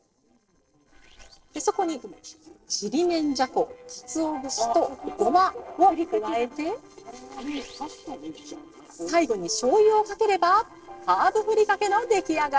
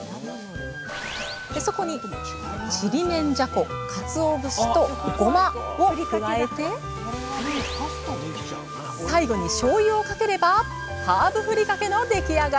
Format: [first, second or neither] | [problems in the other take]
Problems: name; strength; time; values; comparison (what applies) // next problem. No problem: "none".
second | noise reduction (neural separator model SepFormer DNS4)